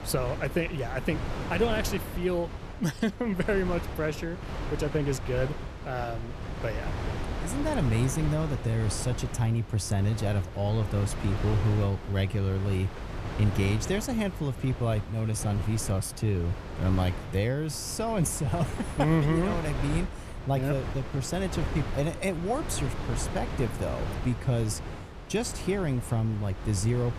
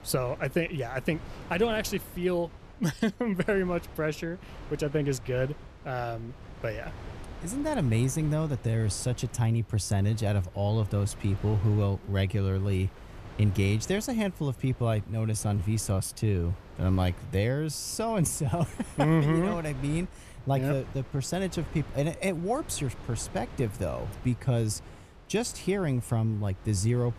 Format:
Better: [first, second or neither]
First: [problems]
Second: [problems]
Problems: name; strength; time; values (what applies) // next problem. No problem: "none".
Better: second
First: wind noise on the microphone; heavy; 7 dB below the speech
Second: wind noise on the microphone; occasional gusts; 15 dB below the speech